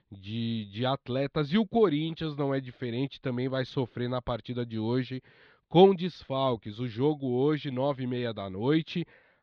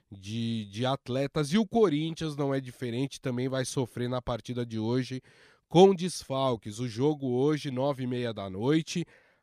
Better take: second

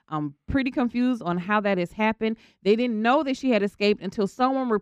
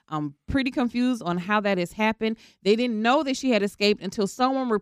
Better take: second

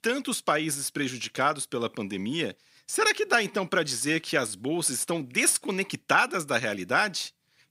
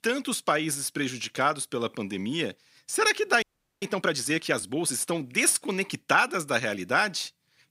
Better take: first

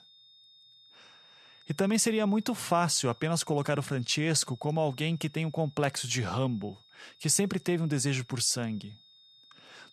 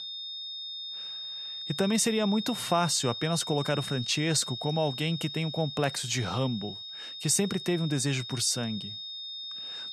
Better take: first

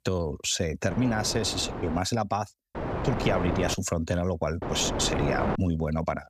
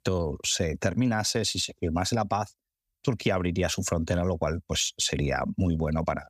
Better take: second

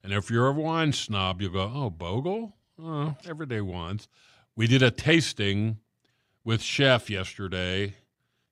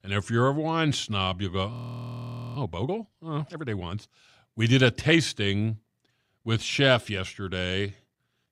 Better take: first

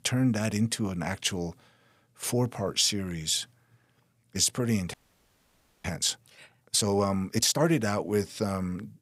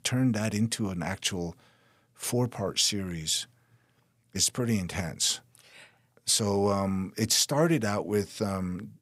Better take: second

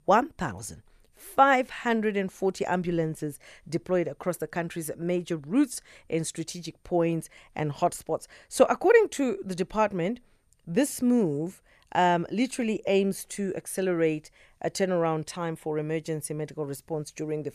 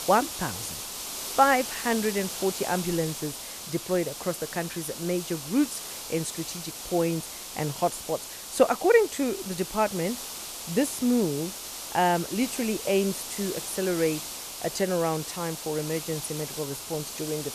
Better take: first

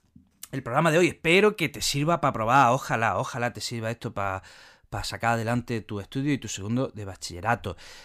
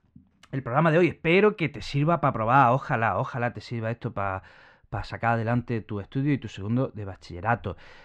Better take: first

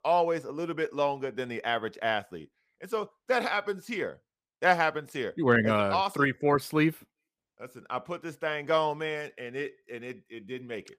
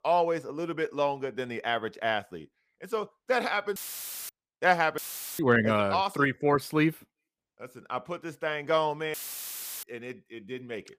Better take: first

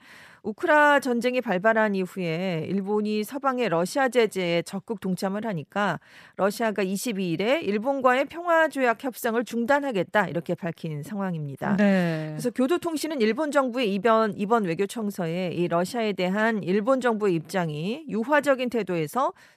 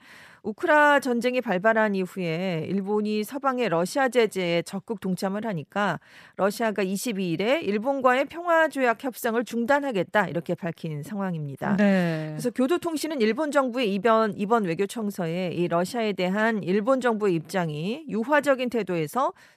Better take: neither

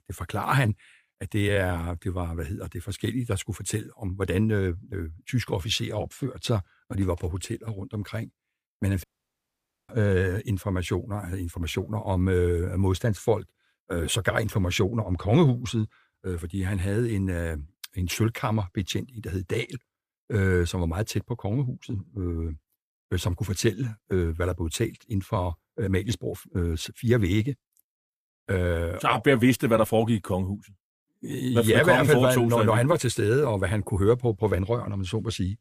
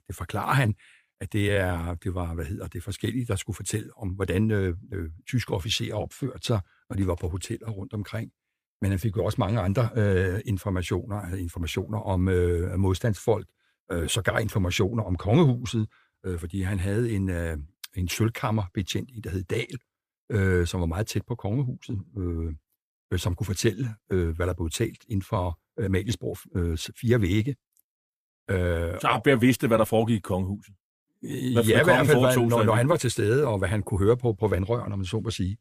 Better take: second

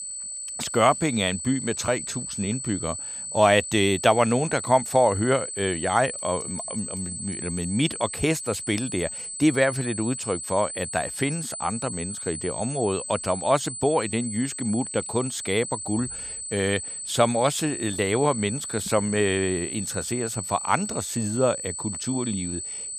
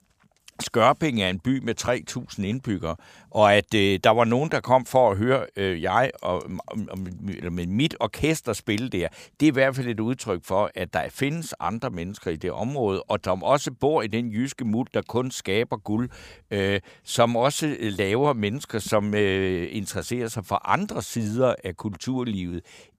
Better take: second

